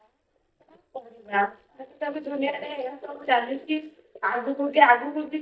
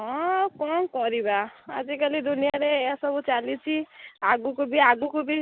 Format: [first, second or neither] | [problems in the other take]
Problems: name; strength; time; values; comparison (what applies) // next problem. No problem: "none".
second | noise reduction (neural mask model DeepFilterNet 3)